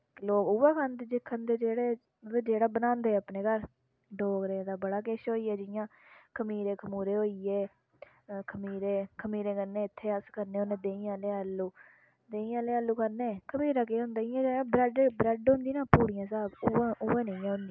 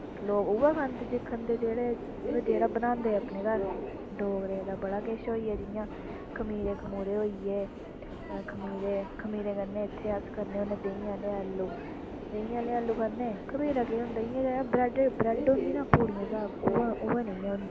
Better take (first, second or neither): first